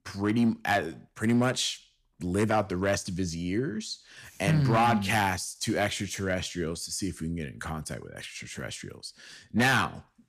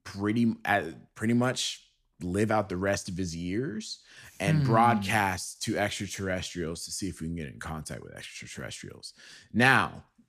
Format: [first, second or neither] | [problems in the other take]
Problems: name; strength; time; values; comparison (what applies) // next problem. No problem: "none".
second | distortion; slight; 3% of the sound clipped